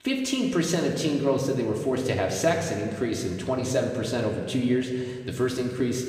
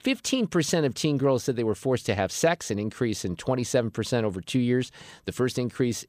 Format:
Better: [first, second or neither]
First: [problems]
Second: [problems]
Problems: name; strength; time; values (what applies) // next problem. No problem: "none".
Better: second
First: room echo; slight; dies away in 1.6 s // off-mic speech; somewhat distant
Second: none